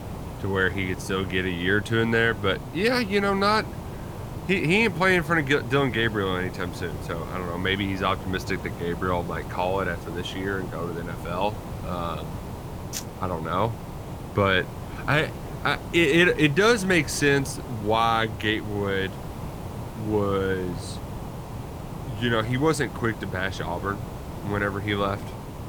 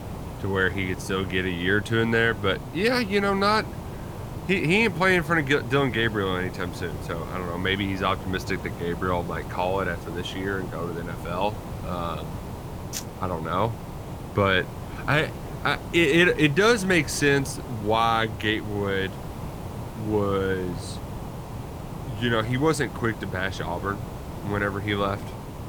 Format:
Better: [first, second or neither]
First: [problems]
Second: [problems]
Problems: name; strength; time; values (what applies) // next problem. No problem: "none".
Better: neither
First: hiss; noticeable; throughout; 10 dB below the speech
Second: hiss; noticeable; throughout; 10 dB below the speech